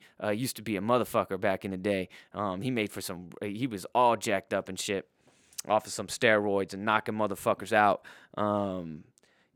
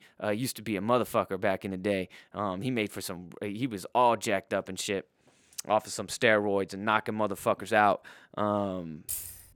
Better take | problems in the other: first | jangling keys; noticeable; at 9 s; peak 6 dB below the speech

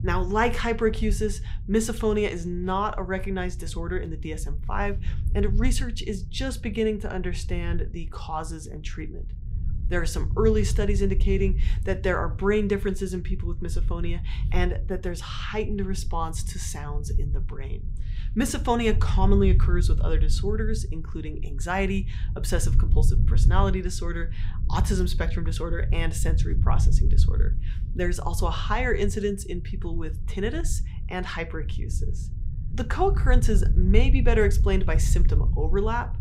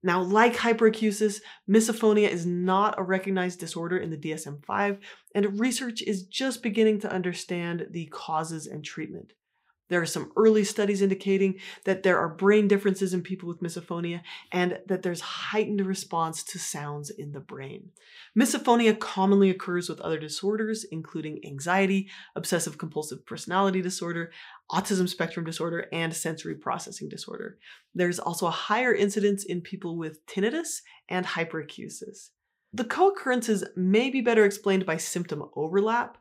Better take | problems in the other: second | low rumble; noticeable; throughout; 15 dB below the speech

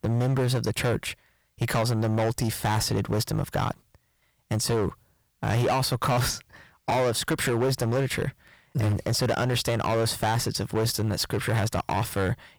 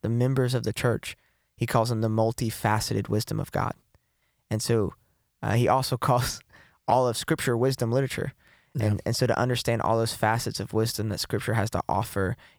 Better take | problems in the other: second | distortion; heavy; 14% of the sound clipped

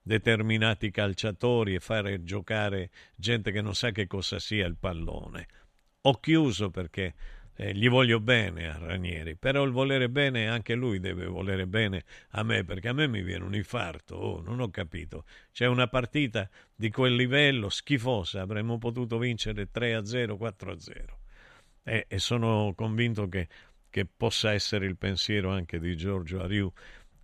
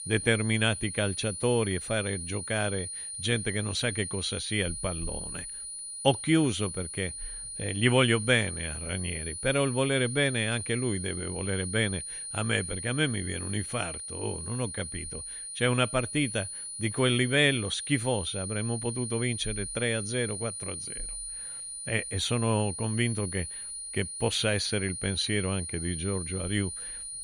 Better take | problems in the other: first | high-pitched whine; loud; throughout; 9.5 kHz, 6 dB below the speech

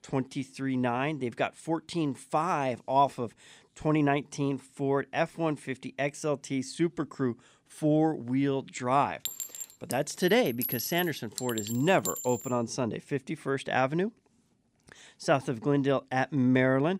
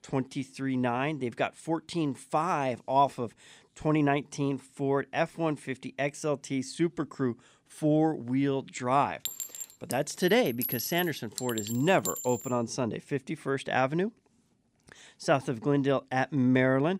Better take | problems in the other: neither | clattering dishes; noticeable; from 9.5 to 13 s; peak 3 dB below the speech; the same in both

